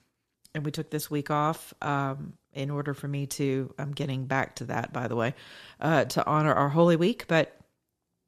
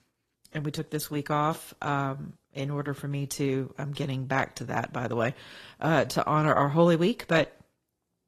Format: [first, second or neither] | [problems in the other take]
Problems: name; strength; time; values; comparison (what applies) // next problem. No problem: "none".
first | garbled, watery; slightly; nothing above 13.5 kHz